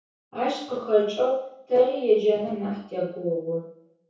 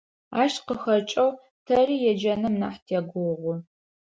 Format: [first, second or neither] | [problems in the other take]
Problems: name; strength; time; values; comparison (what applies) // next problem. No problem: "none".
second | room echo; dies away in 0.6 s